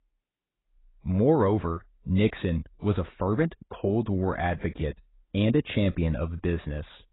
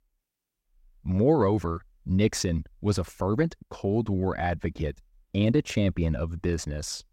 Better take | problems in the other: second | garbled, watery; badly; nothing above 4 kHz

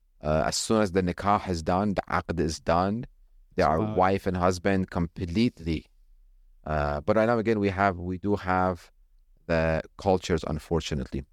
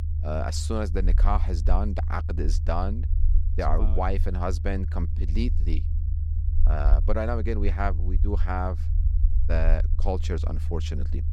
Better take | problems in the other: first | low rumble; noticeable; throughout; 15 dB below the speech

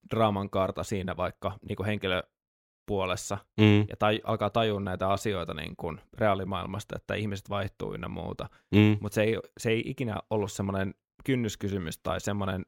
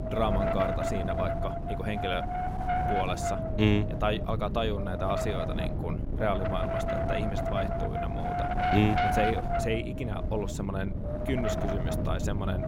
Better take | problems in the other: first | wind noise on the microphone; heavy; 2 dB above the speech

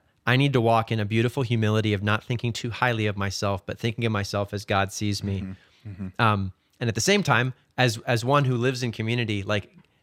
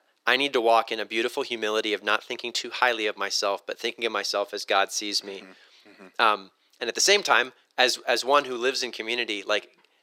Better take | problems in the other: first | thin; very; fading below 350 Hz

